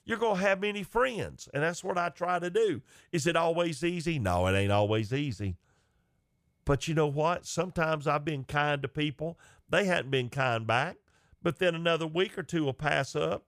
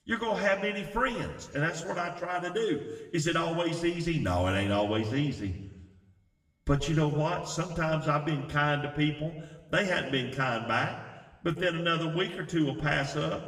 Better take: first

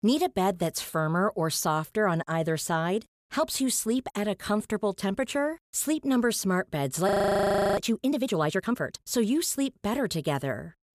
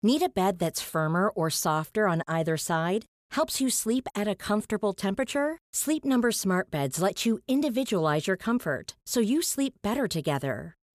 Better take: second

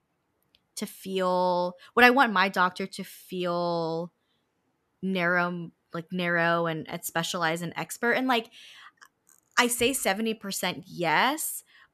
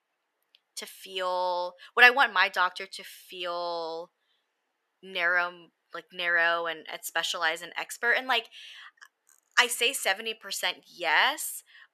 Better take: first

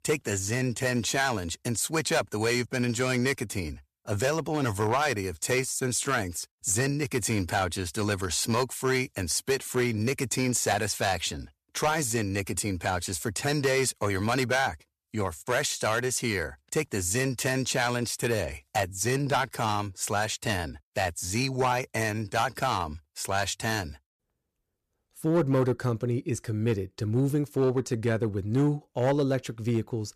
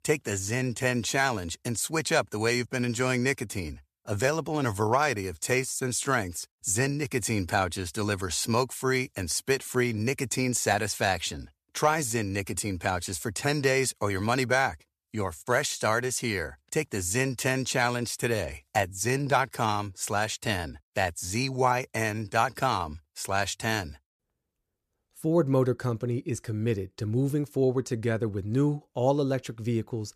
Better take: second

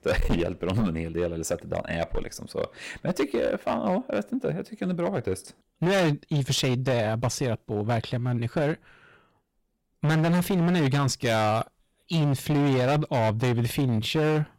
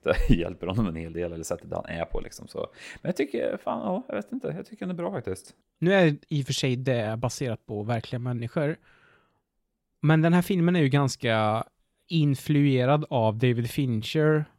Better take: second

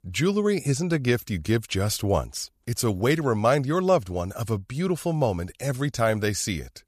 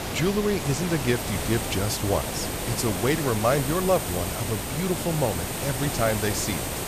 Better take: first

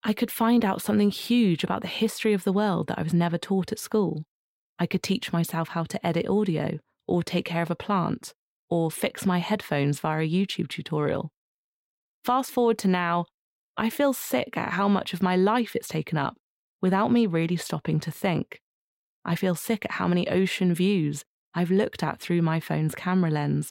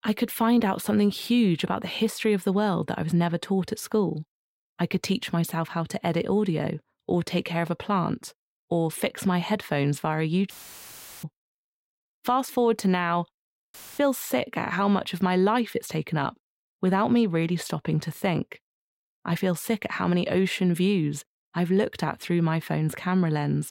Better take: first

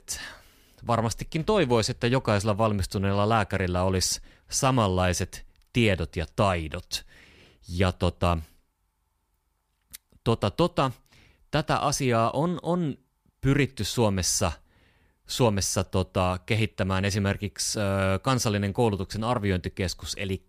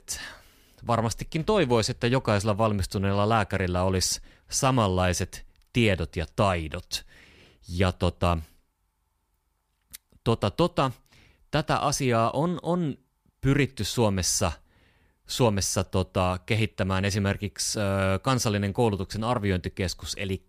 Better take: neither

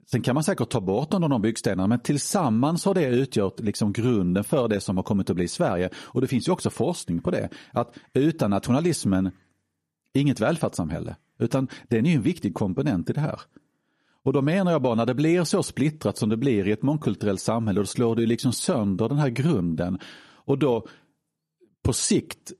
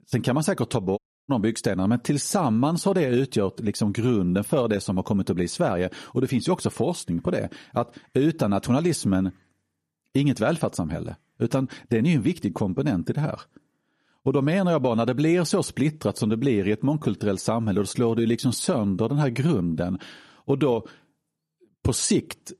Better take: first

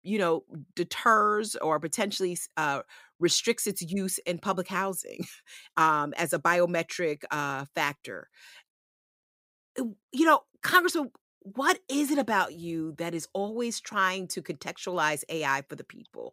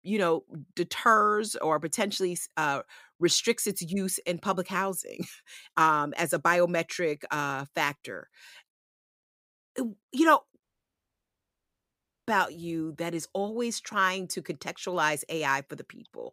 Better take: first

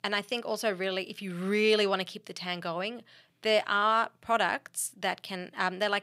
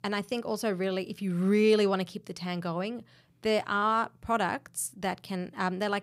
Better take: second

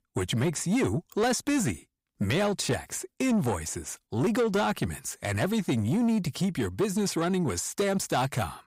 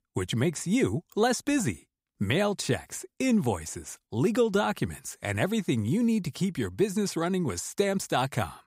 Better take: second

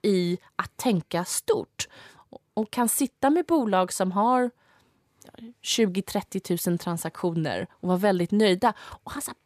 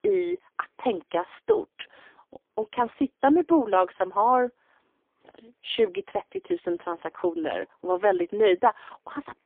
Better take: first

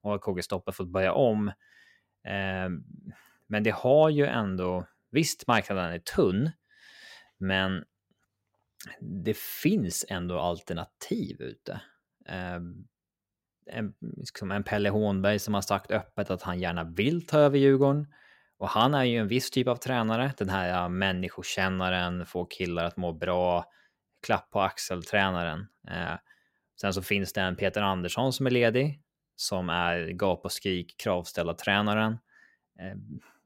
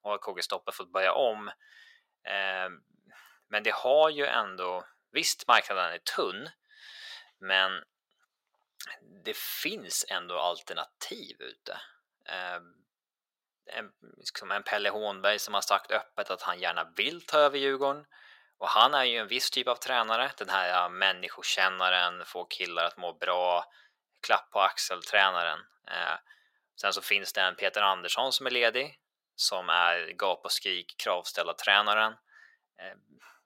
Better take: first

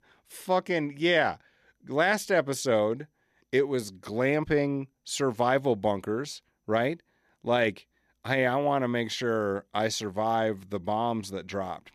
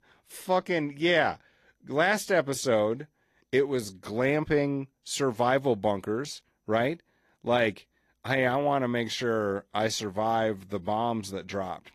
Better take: first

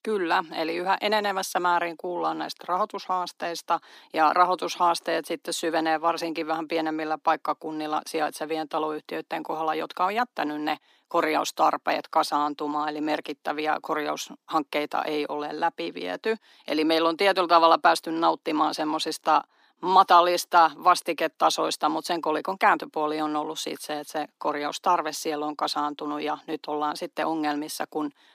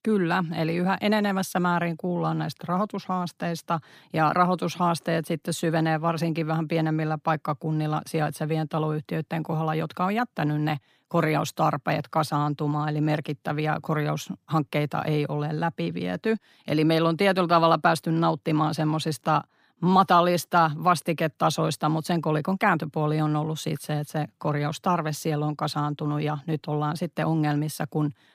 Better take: second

